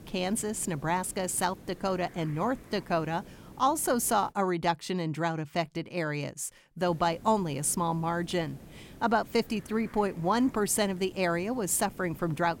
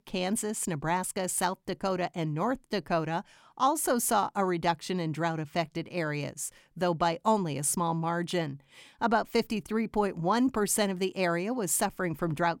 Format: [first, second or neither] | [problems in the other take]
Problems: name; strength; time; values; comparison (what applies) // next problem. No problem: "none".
second | hiss; faint; until 4.5 s and from 7 s on; 20 dB below the speech